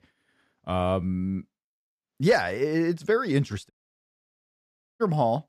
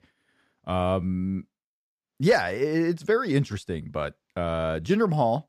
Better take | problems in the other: second | audio cutting out; at 3.5 s for 1.5 s

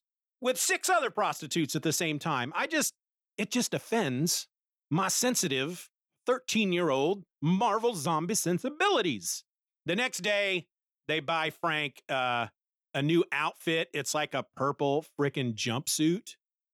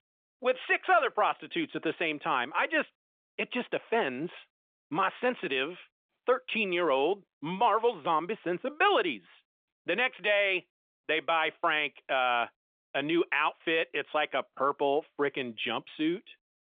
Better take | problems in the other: first | phone-call audio; nothing above 3.5 kHz

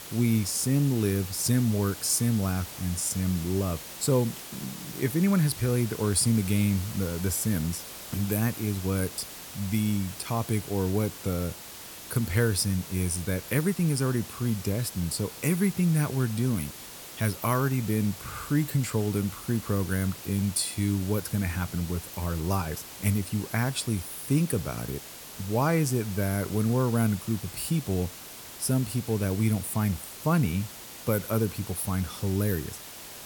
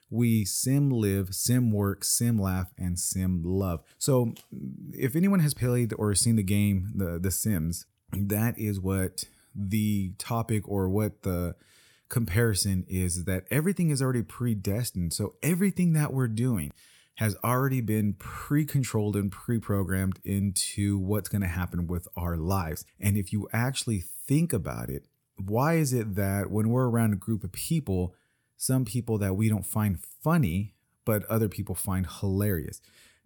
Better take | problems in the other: second | hiss; noticeable; throughout; 10 dB below the speech

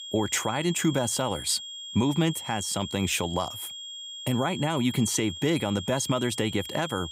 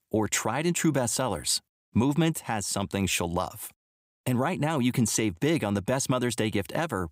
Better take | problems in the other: second | high-pitched whine; loud; throughout; 3.5 kHz, 9 dB below the speech

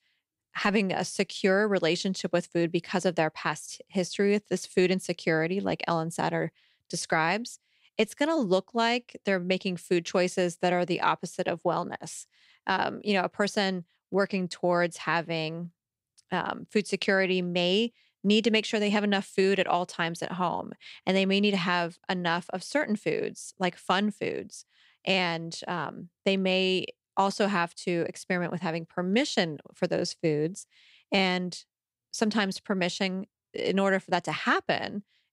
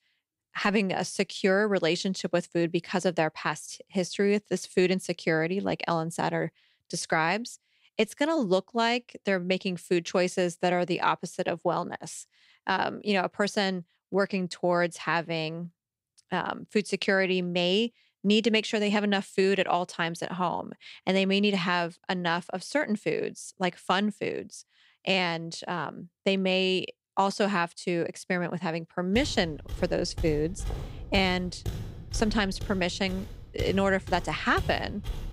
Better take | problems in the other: first | footsteps; noticeable; from 29 s on; peak 8 dB below the speech

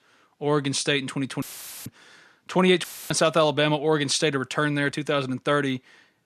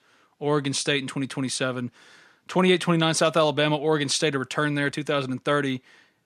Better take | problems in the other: second | audio cutting out; filled with static; at 1.5 s and at 3 s

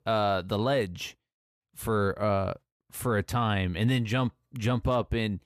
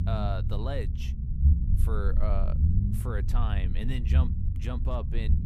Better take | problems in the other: first | low rumble; loud; throughout; 5 dB below the speech

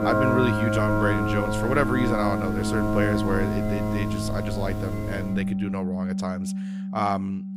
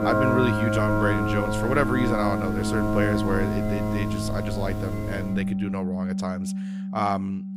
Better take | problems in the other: neither | background music; very loud; throughout; 2 dB above the speech; the same in both

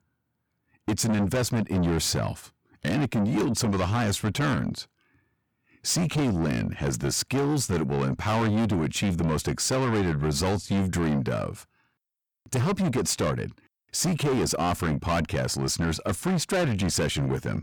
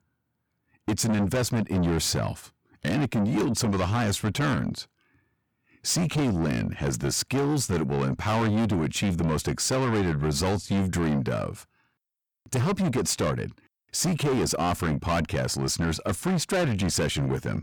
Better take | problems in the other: neither | distortion; heavy; 6 dB below the speech; the same in both

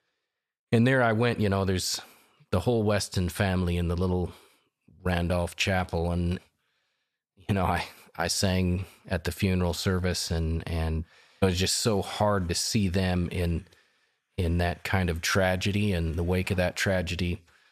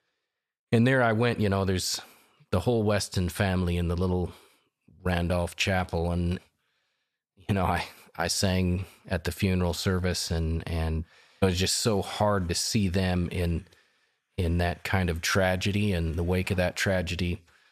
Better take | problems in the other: neither | none

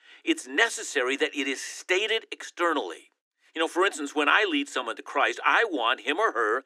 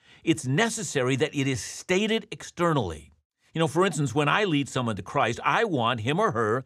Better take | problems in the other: second | thin; somewhat; fading below 300 Hz

